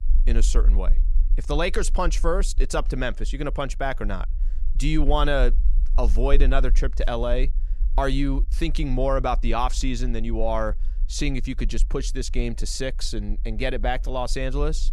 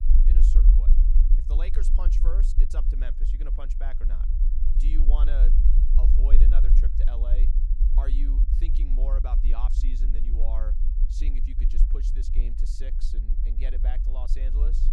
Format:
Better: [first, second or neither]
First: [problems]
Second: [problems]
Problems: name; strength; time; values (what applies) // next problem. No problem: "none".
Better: first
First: low rumble; faint; throughout; 25 dB below the speech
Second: low rumble; loud; throughout; 3 dB below the speech